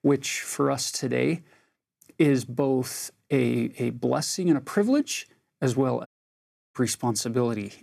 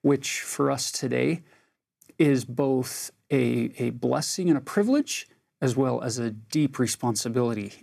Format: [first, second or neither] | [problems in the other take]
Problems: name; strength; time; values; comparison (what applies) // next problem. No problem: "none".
second | audio cutting out; at 6 s for 0.5 s